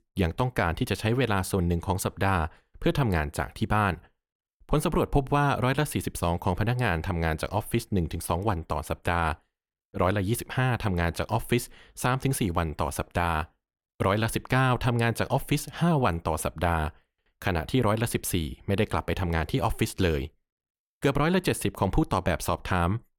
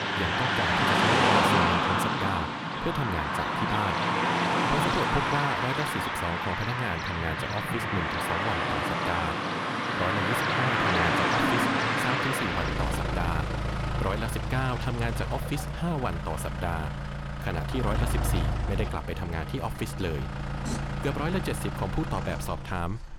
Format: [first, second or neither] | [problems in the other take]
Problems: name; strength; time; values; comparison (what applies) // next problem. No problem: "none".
first | traffic noise; very loud; throughout; 5 dB above the speech